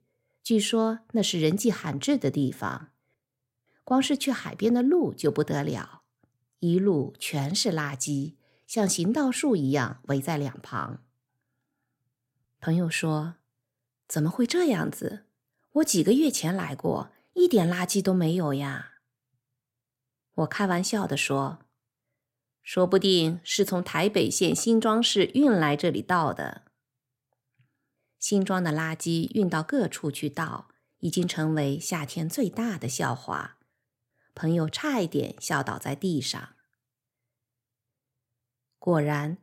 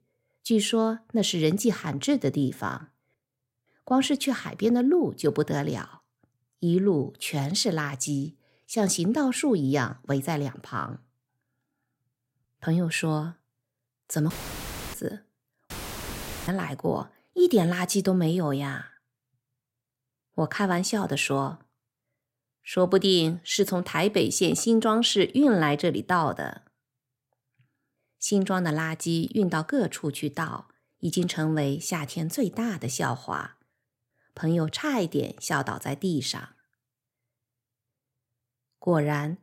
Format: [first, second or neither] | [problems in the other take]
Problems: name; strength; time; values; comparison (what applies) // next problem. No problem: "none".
first | audio cutting out; filled with static; at 14 s for 0.5 s and at 16 s for 1 s